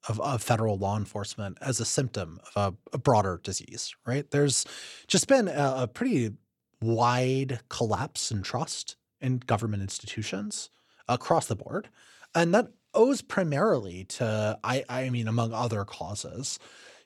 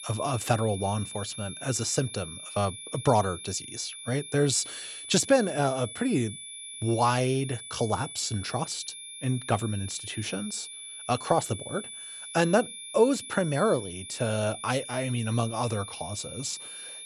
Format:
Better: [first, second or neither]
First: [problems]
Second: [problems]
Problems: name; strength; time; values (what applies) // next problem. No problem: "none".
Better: first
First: none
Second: high-pitched whine; noticeable; throughout; 10.5 kHz, 10 dB below the speech